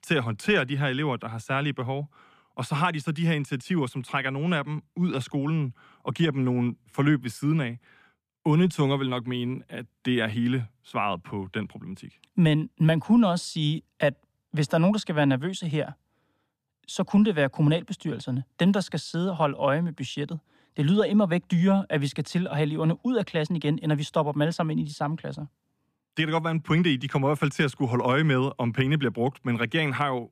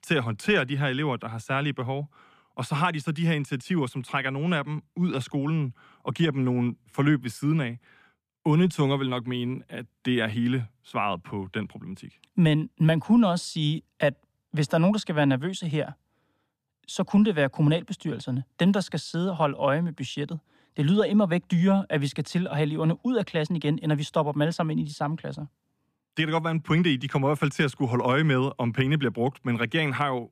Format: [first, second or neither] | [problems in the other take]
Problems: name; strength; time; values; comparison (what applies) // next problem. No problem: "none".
neither | none